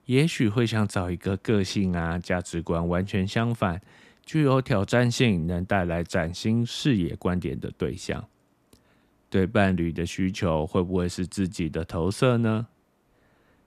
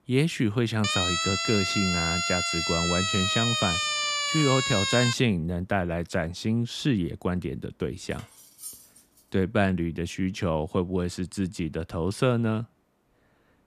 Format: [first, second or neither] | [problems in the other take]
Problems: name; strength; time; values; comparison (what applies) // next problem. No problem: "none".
first | siren; loud; from 1 to 5 s; peak 3 dB above the speech // clattering dishes; faint; at 8 s; peak 15 dB below the speech